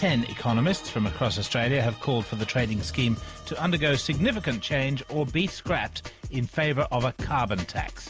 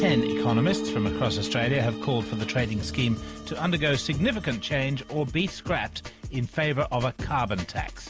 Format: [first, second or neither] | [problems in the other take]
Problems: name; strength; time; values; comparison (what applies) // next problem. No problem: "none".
first | background sound (Mallet percussion); 8 dB below the speech